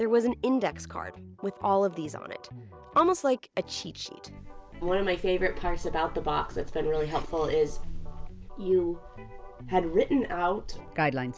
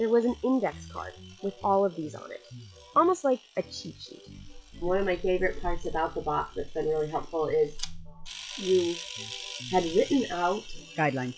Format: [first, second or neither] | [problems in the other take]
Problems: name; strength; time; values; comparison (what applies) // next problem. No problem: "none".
first | noise reduction (classical method log-MMSE)